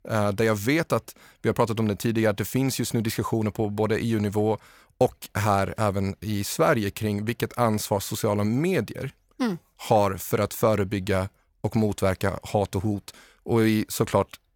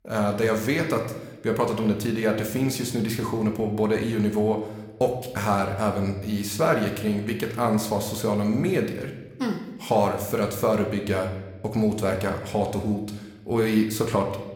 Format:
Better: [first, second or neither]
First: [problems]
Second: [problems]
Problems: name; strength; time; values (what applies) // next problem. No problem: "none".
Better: first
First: none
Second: room echo; slight; dies away in 0.9 s